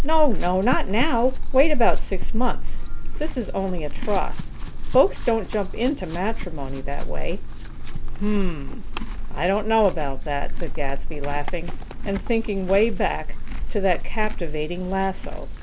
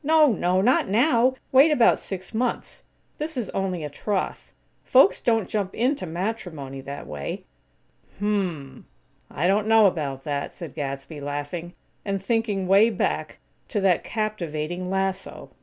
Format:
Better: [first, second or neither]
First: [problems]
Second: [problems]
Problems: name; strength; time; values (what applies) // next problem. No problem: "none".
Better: second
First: background sound (Chewing, mastication / Livestock, farm animals, working animals); 5 dB above the speech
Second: none